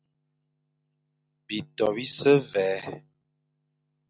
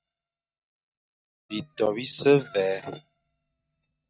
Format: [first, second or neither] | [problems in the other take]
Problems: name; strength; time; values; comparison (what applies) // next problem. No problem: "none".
first | noise reduction (neural mask model RNNoise)